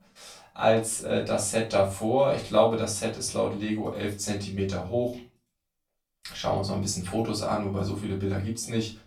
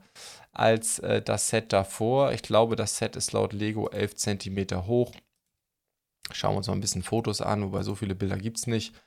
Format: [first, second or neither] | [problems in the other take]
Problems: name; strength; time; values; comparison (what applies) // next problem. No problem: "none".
second | off-mic speech; far // room echo; slight; dies away in 0.3 s